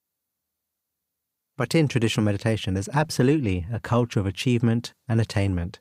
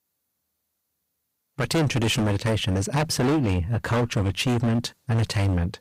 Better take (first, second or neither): first